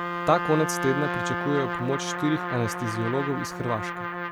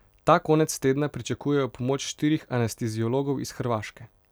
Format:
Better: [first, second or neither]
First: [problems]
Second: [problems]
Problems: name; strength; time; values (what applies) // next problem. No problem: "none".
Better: second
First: background sound (Trumpet); 3 dB below the speech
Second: none